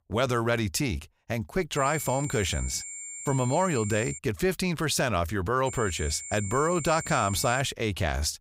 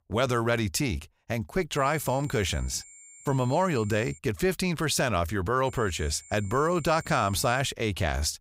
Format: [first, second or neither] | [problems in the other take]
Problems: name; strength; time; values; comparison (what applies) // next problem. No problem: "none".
second | high-pitched whine; loud; from 2 to 4 s and from 5.5 to 7.5 s; 7.5 kHz, 9 dB below the speech; faint in the second